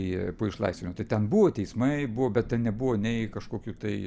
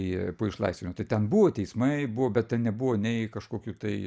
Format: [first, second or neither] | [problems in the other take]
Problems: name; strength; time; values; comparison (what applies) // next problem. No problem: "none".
second | background sound (Thunder / Rain); 18 dB below the speech